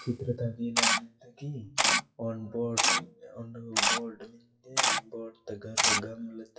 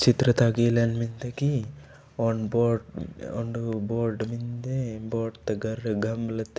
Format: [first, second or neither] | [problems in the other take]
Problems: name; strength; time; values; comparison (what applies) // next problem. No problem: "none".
second | noise reduction (classical method WPE with log-MMSE)